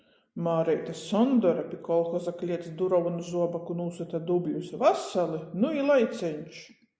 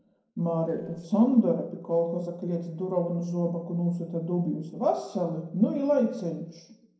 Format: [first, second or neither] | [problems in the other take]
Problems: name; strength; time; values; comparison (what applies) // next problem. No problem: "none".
first | noise reduction (neural separator model SepFormer DNS4)